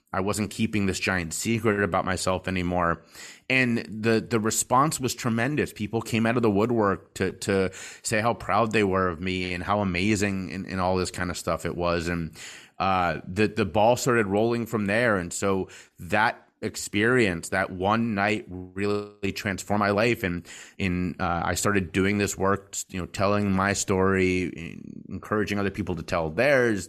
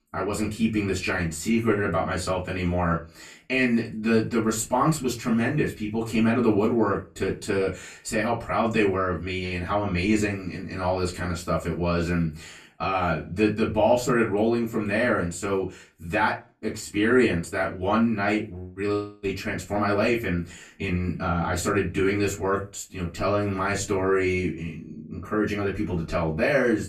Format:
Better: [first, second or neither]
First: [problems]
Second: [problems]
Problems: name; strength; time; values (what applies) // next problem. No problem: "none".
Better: first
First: none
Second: off-mic speech; far // room echo; very slight; dies away in 0.2 s